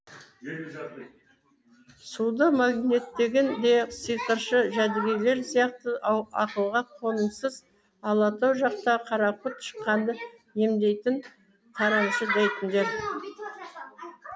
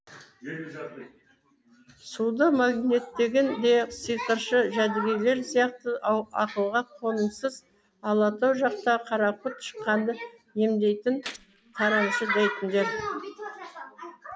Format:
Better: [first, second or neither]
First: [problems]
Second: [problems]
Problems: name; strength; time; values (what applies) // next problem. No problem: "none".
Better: first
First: none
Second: background sound (Gunshot, gunfire); 19 dB below the speech